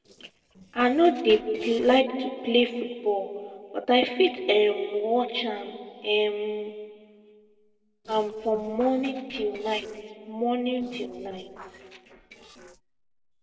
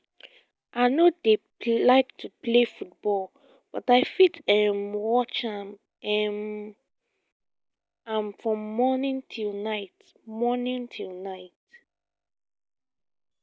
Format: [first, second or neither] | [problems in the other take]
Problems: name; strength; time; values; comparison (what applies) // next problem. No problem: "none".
second | noise reduction (neural separator model SepFormer DNS4)